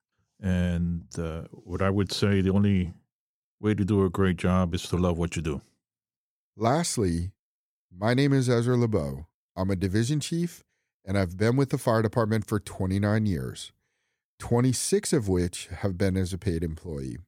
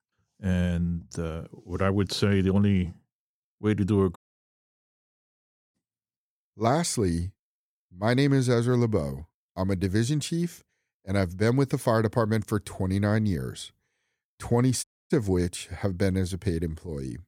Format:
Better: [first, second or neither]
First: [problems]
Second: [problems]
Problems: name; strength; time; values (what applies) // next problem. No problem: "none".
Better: first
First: none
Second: audio cutting out; at 4 s for 1.5 s and at 15 s